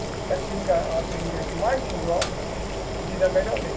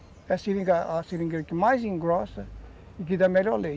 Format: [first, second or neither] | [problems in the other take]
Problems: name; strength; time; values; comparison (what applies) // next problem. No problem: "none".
second | background sound (Boiling); 2 dB below the speech // room echo; dies away in 0.2 s